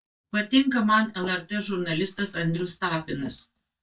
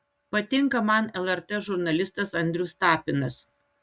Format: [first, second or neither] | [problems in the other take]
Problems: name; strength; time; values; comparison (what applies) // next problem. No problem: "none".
second | noise reduction (neural mask model DeepFilterNet 3)